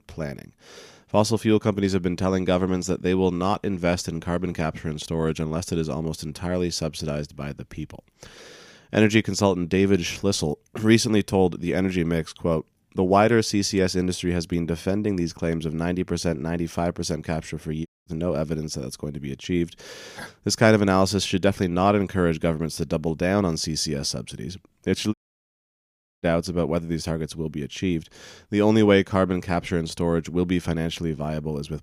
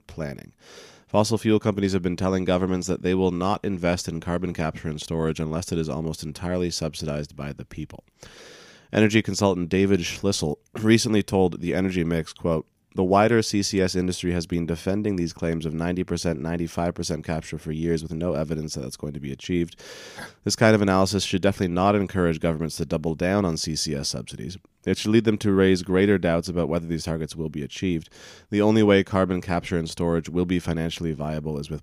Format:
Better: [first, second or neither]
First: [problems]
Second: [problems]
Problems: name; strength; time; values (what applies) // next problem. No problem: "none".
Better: second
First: audio cutting out; at 18 s and at 25 s for 1 s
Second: none